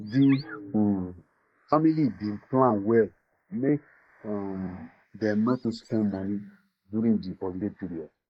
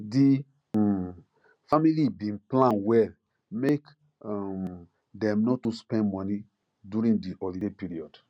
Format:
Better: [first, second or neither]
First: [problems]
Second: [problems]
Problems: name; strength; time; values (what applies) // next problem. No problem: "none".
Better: second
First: noise reduction (neural mask model Resemble Enhance denoiser)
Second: none